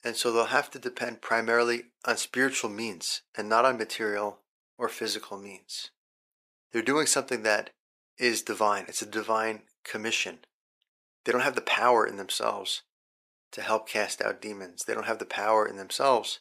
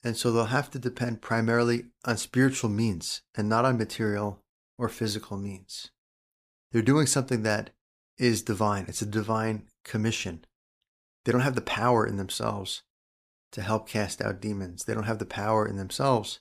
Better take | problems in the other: second | thin; somewhat; fading below 500 Hz

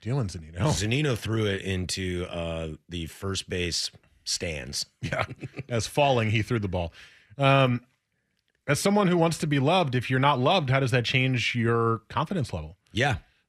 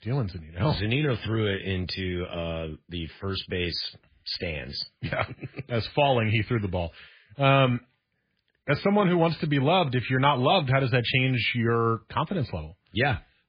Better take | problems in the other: first | garbled, watery; badly; nothing above 4.5 kHz

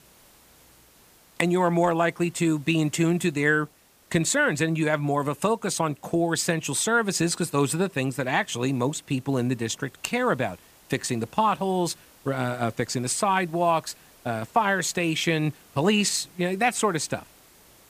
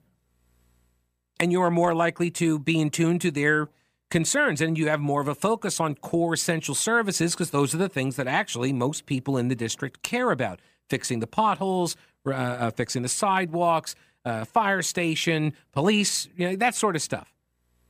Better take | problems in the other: second | hiss; faint; throughout; 30 dB below the speech

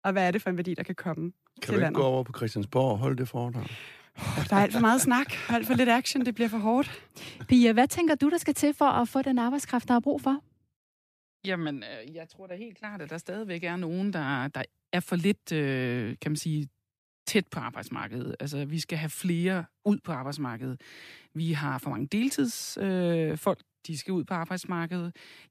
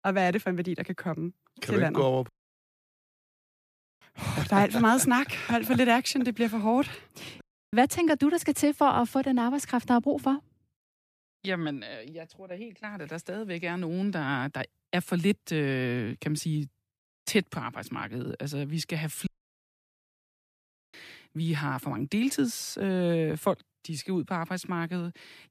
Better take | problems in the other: first | audio cutting out; at 2.5 s for 1.5 s, at 7.5 s and at 19 s for 1.5 s

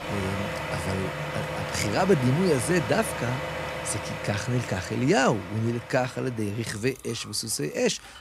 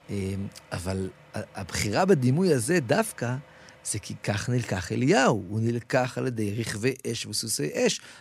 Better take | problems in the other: second | traffic noise; loud; throughout; 6 dB below the speech; faint in the second

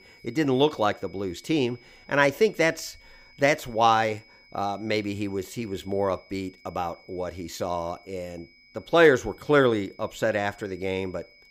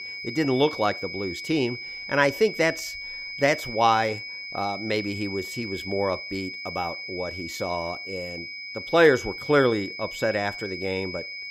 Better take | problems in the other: first | high-pitched whine; loud; throughout; 2.5 kHz, 8 dB below the speech; faint in the first

